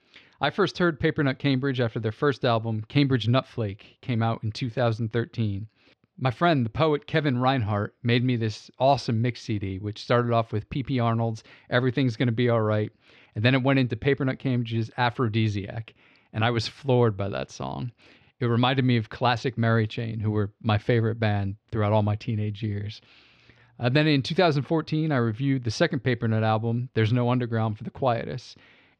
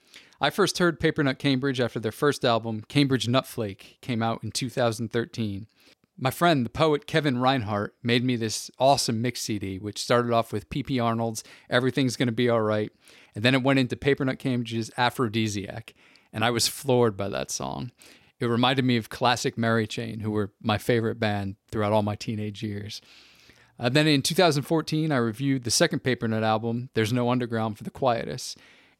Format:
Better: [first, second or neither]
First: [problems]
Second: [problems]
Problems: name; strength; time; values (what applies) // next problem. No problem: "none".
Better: second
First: muffled; very slightly; fading above 4 kHz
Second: none